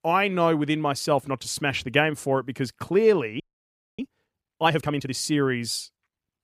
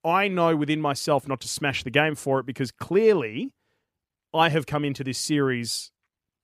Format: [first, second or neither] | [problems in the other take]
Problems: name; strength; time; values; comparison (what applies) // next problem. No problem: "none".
second | audio freezing; at 3.5 s for 0.5 s